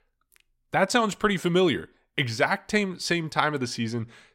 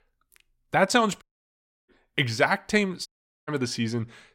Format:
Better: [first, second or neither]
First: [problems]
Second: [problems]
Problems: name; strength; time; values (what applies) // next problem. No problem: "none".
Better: first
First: none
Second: audio cutting out; at 1 s for 0.5 s and at 3 s